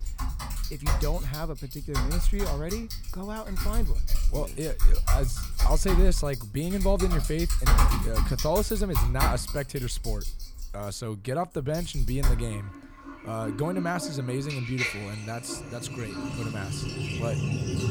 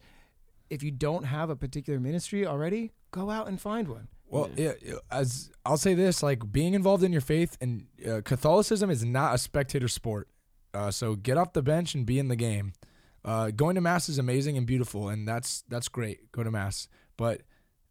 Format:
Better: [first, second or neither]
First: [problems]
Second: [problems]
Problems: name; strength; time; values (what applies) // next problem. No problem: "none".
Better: second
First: household noises; very loud; throughout; 2 dB above the speech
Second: none